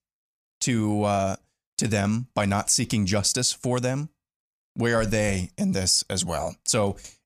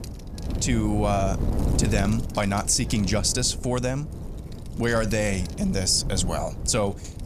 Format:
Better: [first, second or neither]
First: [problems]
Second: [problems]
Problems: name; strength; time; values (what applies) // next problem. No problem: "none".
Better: first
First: none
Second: wind noise on the microphone; occasional gusts; 15 dB below the speech